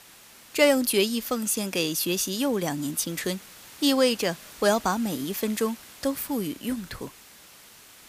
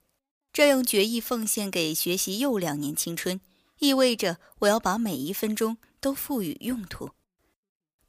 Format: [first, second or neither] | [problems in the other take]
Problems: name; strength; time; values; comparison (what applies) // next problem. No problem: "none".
second | hiss; noticeable; throughout; 20 dB below the speech